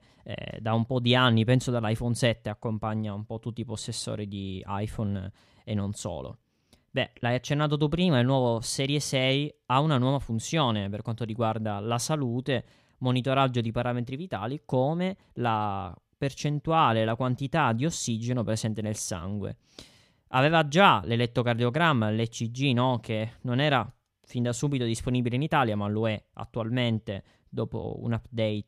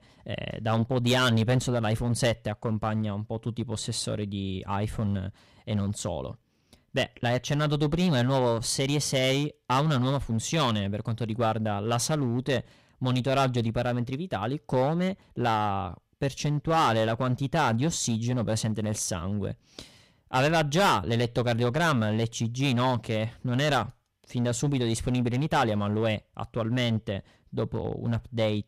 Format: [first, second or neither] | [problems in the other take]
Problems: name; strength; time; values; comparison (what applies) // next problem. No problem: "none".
first | distortion; heavy; 7% of the sound clipped